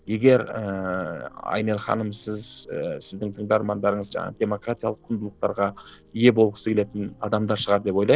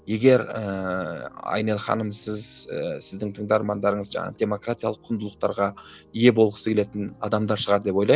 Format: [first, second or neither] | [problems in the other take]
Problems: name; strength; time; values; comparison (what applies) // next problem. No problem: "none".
second | noise reduction (neural separator model SepFormer DNS4)